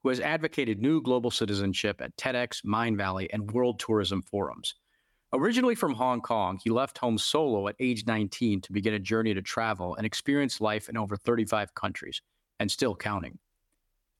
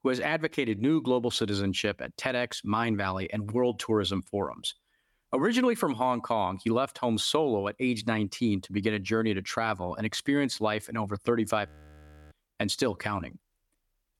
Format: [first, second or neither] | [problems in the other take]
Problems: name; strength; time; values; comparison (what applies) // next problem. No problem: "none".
first | audio freezing; at 12 s for 0.5 s